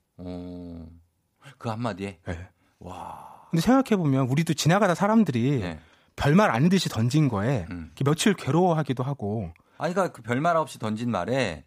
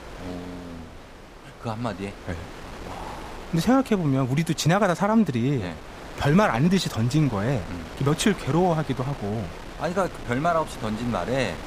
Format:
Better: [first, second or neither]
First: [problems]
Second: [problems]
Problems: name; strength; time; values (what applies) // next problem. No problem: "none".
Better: first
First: none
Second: wind noise on the microphone; occasional gusts; 15 dB below the speech